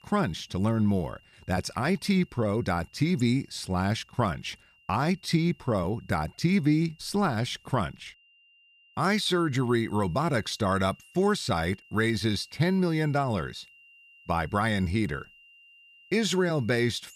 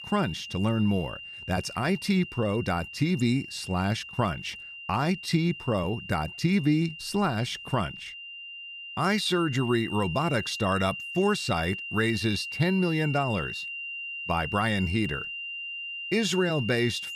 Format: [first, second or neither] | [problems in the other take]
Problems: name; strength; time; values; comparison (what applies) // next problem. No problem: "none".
first | high-pitched whine; loud; throughout; 3 kHz, 9 dB below the speech; faint in the first